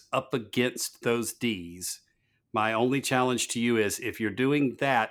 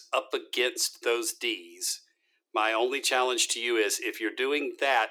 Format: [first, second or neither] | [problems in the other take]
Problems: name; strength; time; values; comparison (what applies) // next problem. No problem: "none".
first | thin; very; fading below 300 Hz